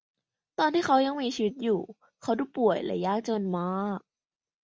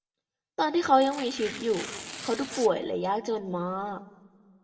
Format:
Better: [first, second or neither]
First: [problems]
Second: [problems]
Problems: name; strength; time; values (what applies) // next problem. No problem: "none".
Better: first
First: none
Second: background sound (Tearing); 12 dB below the speech // room echo; dies away in 0.9 s